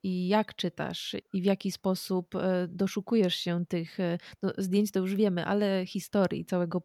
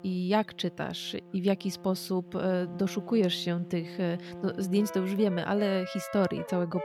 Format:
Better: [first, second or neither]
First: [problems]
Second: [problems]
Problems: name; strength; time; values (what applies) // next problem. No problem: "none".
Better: first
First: none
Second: background music; noticeable; throughout; 15 dB below the speech